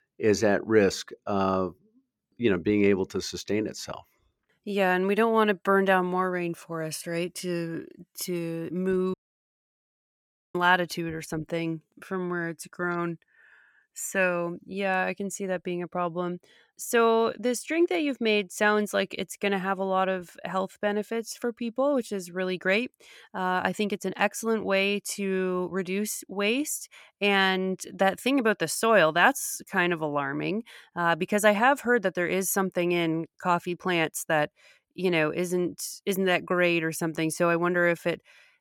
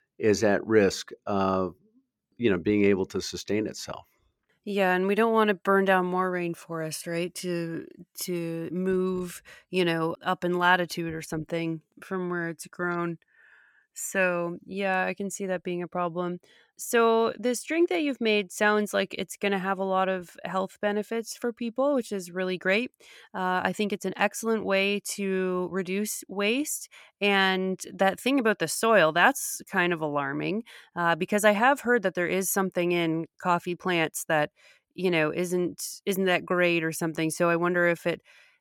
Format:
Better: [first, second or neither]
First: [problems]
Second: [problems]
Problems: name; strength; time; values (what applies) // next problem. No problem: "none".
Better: second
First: audio cutting out; at 9 s for 1.5 s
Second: none